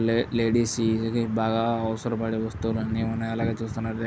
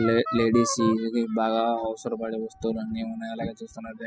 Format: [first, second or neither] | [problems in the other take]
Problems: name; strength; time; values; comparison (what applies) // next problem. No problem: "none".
first | noise reduction (classical method spectral subtraction)